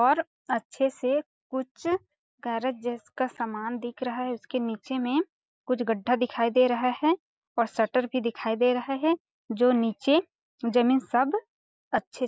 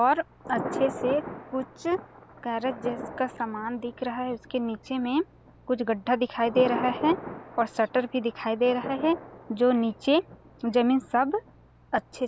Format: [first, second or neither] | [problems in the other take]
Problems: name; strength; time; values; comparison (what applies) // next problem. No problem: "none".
first | background sound (Thunder); 12 dB below the speech